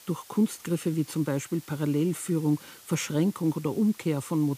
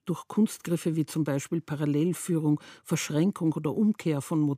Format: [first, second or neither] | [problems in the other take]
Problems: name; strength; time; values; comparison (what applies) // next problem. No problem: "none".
second | hiss; faint; throughout; 20 dB below the speech